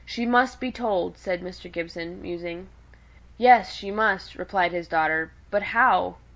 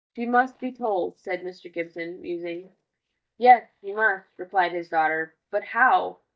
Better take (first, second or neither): first